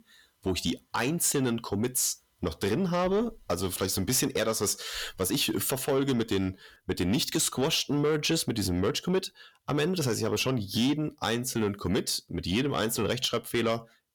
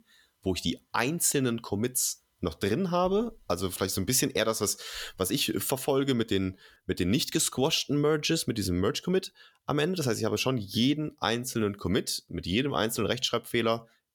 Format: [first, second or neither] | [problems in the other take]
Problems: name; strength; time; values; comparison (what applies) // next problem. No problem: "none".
second | distortion; slight; 10 dB below the speech